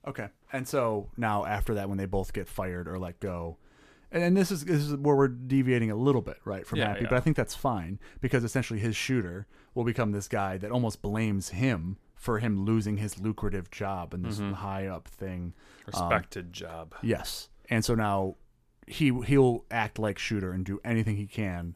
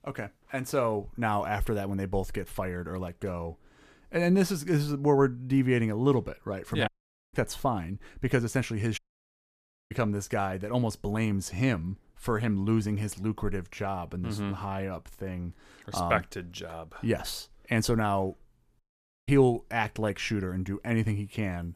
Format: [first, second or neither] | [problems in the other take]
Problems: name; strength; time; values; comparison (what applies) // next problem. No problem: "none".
first | audio cutting out; at 7 s, at 9 s for 1 s and at 19 s